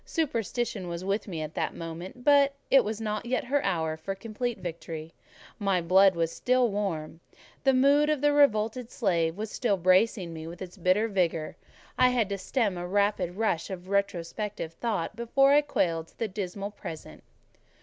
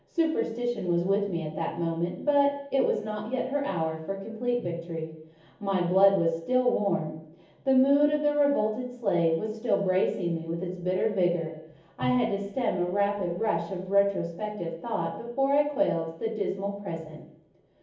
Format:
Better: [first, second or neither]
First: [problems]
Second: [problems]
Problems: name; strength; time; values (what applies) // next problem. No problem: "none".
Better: first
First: none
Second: room echo; dies away in 0.7 s